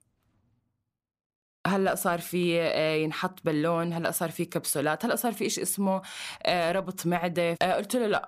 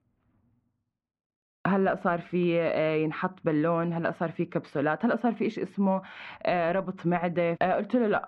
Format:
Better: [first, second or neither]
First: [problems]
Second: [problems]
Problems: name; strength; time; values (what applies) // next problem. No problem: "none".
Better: first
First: none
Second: muffled; very; fading above 2.5 kHz